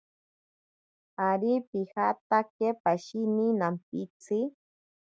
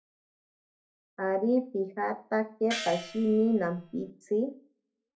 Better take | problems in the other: first | background sound (Gong); 10 dB below the speech // room echo; dies away in 0.3 s

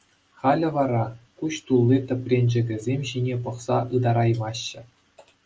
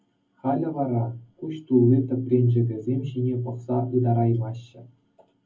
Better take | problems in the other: first | room echo; dies away in 0.3 s

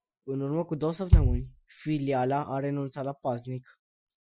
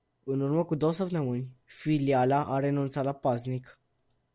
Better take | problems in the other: second | noise reduction (classical method Wiener filter)

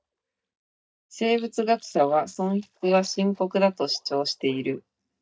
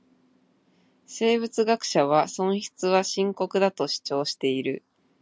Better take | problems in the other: second | noise reduction (neural mask model DeepFilterNet 3)

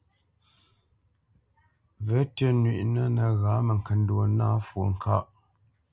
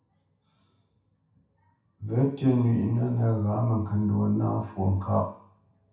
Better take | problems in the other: first | room echo; dies away in 0.7 s

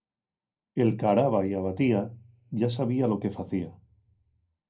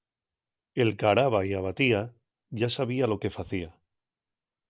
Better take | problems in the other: second | room echo; dies away in 0.2 s

